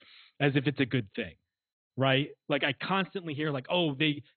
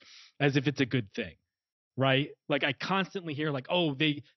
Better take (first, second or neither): second